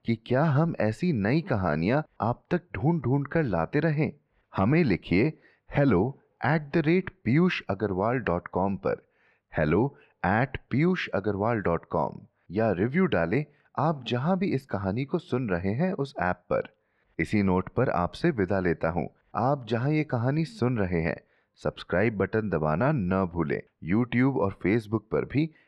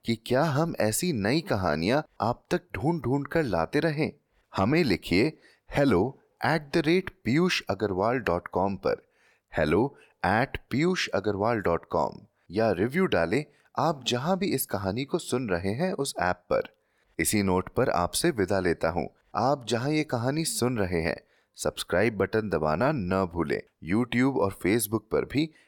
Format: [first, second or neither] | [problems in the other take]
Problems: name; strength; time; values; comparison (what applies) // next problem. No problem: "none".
second | muffled; slightly; fading above 2.5 kHz